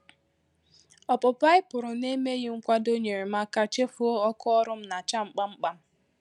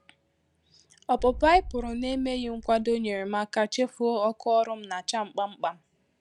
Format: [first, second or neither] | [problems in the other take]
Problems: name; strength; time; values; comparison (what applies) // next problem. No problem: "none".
first | background sound (Boom); 13 dB below the speech